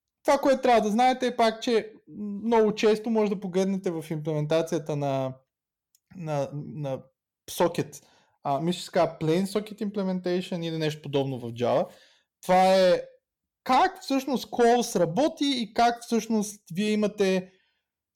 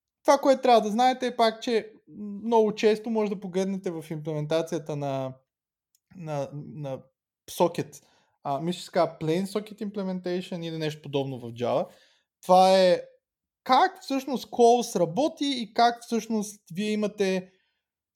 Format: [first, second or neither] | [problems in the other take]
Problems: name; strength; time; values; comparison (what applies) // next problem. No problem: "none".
second | distortion; slight; 10 dB below the speech